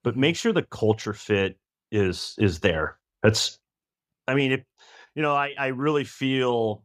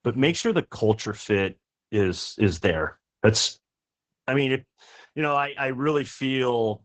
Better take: first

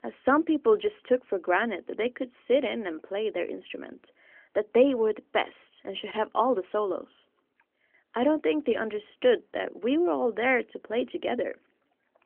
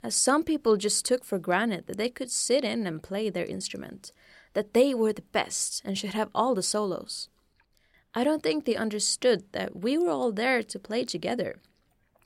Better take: second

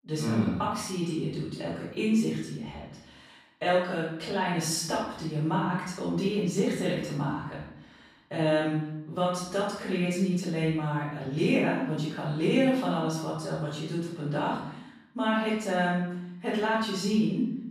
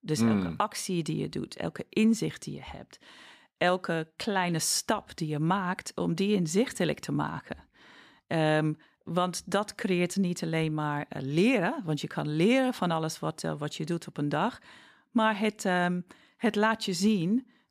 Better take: second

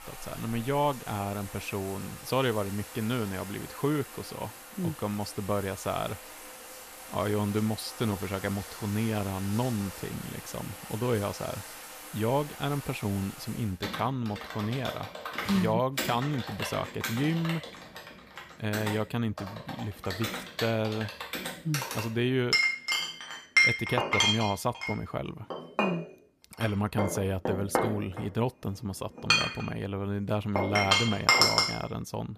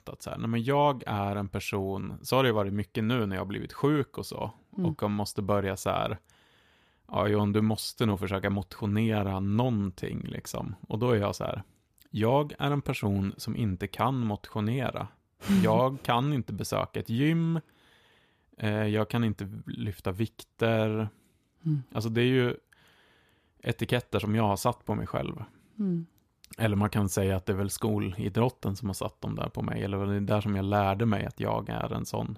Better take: second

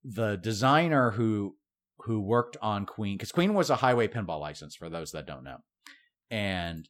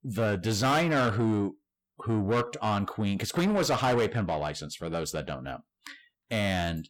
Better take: first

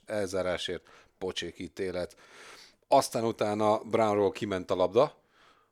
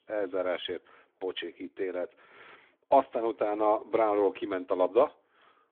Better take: first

